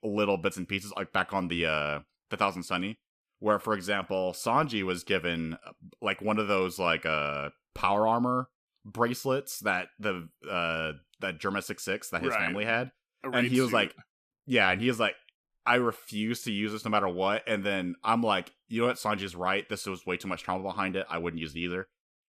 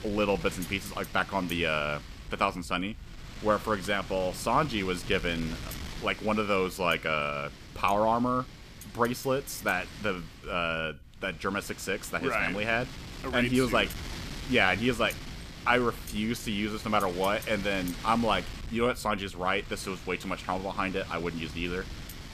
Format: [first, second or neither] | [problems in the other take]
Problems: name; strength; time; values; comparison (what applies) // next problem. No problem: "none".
first | wind noise on the microphone; occasional gusts; 15 dB below the speech